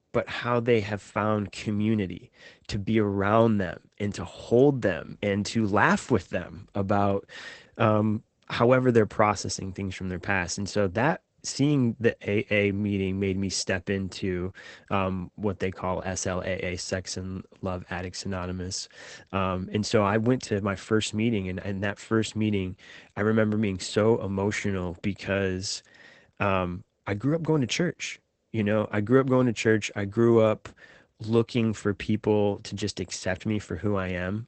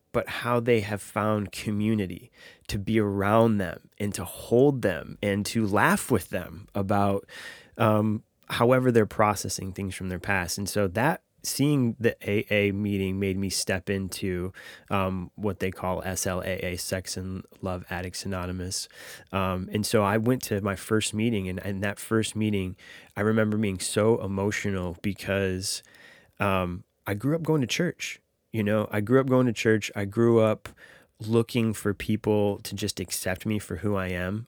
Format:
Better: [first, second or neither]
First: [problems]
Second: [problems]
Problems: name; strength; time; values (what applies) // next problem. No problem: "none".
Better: second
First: garbled, watery; badly; nothing above 8 kHz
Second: none